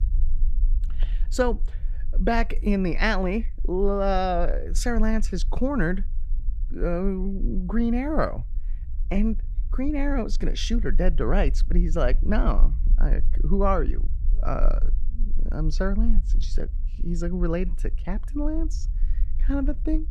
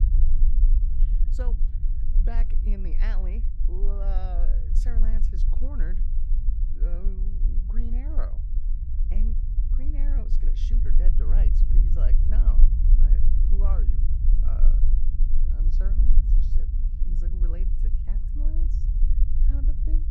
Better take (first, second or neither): first